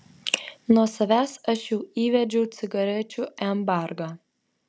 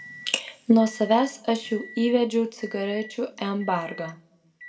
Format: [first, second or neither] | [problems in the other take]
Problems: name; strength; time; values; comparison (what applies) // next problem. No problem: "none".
first | background sound (Microwave oven); 20 dB below the speech // room echo; dies away in 0.3 s